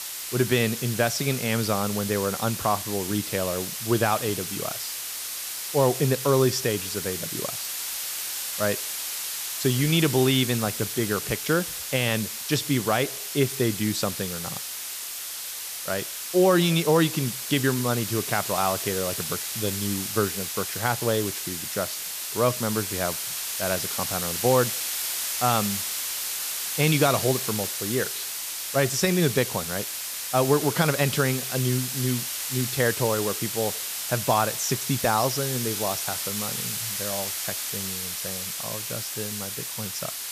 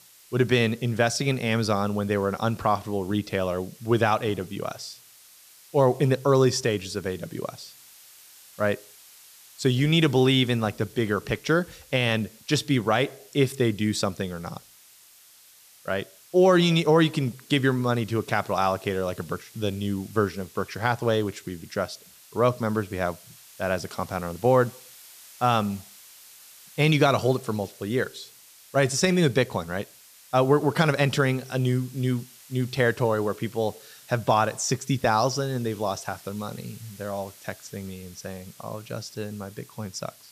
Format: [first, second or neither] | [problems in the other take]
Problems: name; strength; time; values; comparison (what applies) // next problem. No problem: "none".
second | hiss; loud; throughout; 3 dB below the speech; faint in the second